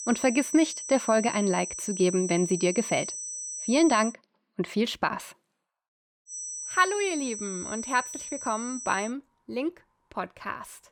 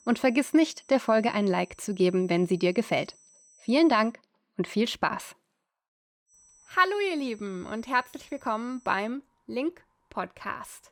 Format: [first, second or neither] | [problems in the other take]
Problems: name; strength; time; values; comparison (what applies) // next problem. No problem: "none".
second | high-pitched whine; loud; until 4 s and from 6.5 to 9 s; 6 kHz, 7 dB below the speech; faint in the second